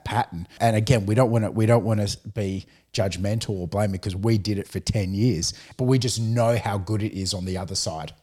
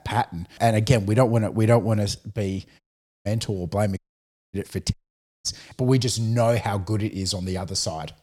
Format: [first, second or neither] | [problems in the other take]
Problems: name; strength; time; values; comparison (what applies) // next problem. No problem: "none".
first | audio cutting out; at 3 s, at 4 s for 0.5 s and at 5 s for 0.5 s